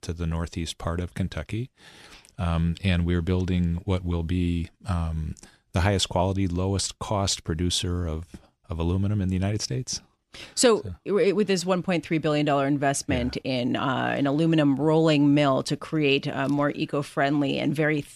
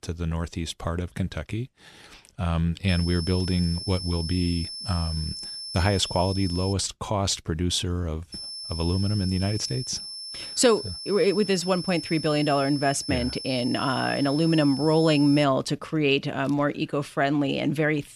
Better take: first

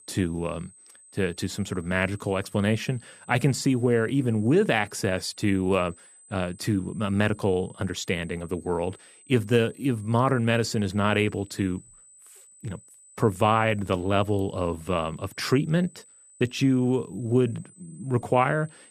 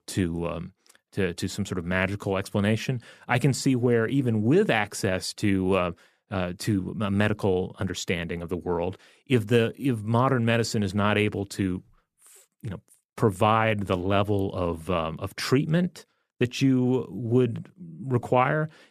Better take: second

